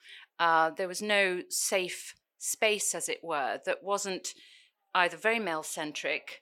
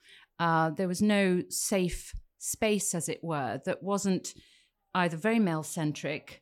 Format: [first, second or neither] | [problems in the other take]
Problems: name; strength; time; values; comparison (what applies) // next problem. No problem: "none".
second | thin; very; fading below 500 Hz